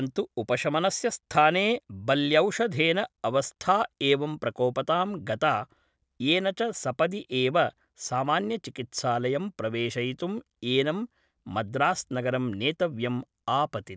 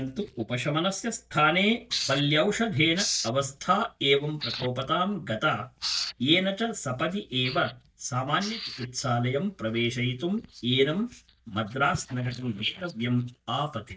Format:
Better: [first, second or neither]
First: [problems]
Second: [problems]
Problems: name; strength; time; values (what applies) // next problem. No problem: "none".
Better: first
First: none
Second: noise reduction (neural mask model DeepFilterNet 3)